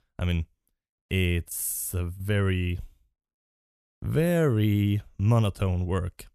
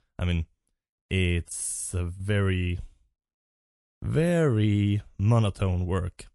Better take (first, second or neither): first